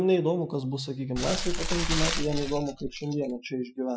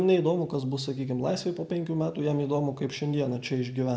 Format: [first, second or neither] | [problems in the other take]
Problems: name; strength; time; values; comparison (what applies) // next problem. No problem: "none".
second | noise reduction (classical method Wiener filter)